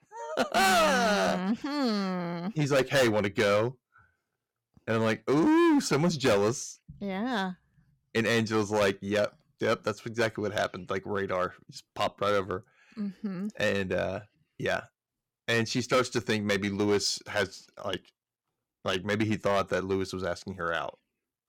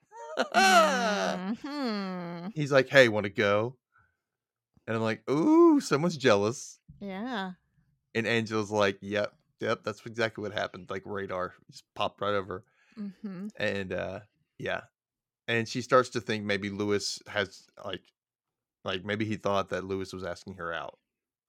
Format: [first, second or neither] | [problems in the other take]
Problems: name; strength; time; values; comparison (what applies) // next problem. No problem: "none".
second | distortion; heavy; 7% of the sound clipped